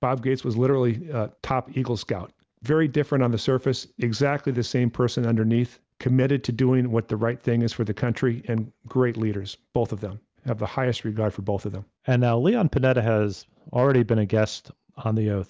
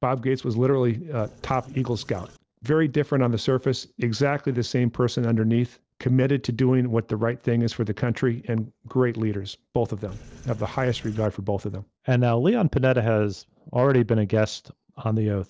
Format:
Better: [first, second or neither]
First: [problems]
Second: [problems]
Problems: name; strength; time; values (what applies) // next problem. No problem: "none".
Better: first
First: none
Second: noise reduction (neural separator model SepFormer DNS4)